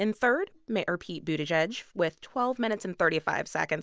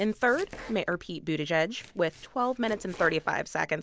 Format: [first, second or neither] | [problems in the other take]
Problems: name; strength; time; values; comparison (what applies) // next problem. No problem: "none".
first | background sound (Domestic sounds, home sounds); 20 dB below the speech